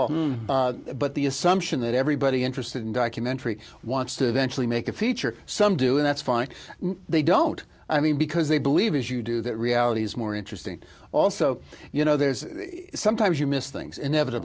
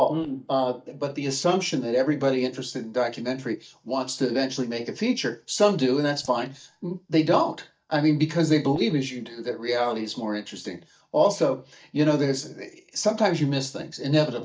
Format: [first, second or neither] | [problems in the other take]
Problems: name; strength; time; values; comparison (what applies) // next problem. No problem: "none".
first | noise reduction (neural mask model DeepFilterNet 3)